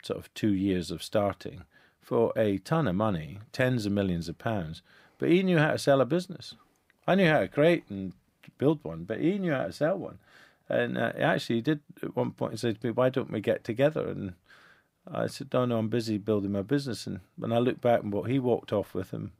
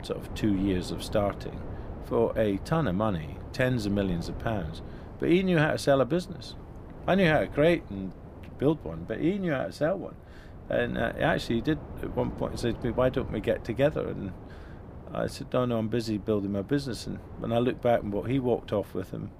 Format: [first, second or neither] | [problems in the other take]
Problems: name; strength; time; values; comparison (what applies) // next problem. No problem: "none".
first | wind noise on the microphone; occasional gusts; 20 dB below the speech